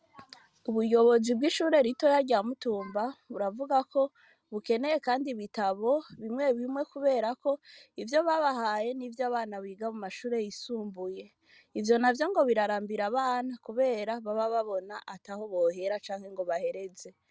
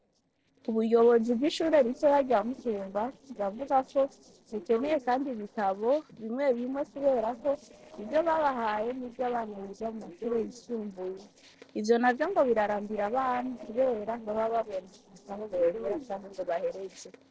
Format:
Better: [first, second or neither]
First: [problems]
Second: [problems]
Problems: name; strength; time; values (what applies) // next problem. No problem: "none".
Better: first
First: none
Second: noise reduction (neural separator model SepFormer DNS4)